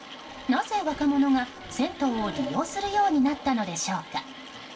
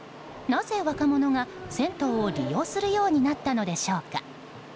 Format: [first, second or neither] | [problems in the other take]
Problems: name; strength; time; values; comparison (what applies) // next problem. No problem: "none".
second | background sound (Mechanisms); 20 dB below the speech // room echo; dies away in 0.2 s